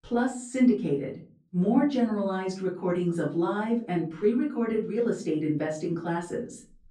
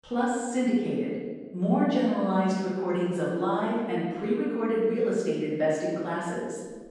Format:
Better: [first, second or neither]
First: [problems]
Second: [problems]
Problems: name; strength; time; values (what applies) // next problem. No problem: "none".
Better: first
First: room echo; slight; dies away in 0.5 s // off-mic speech; far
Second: room echo; strong; dies away in 1.2 s // off-mic speech; far